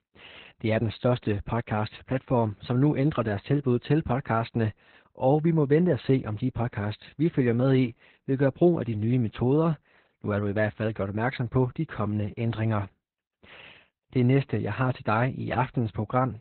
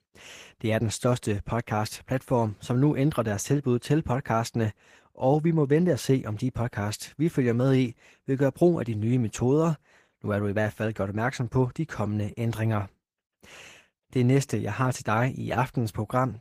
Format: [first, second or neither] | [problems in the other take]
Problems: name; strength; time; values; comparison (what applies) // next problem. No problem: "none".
second | garbled, watery; badly; nothing above 4 kHz; slightly in the second